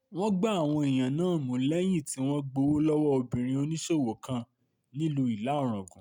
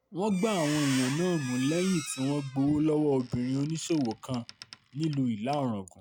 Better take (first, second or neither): first